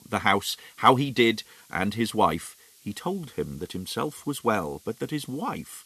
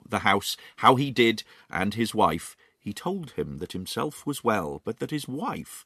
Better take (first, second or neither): second